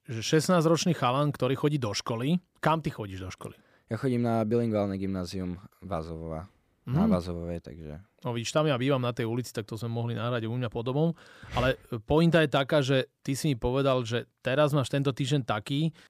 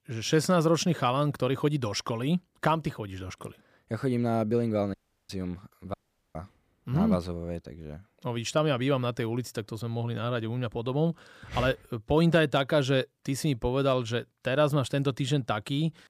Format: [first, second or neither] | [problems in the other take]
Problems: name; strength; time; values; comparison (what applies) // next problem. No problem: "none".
first | audio cutting out; at 5 s and at 6 s